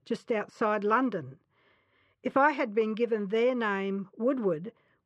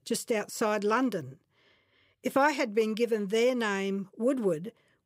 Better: second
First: muffled; very; fading above 2.5 kHz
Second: none

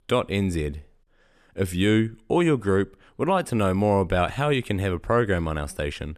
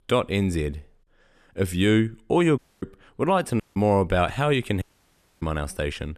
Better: first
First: none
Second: audio cutting out; at 2.5 s, at 3.5 s and at 5 s for 0.5 s

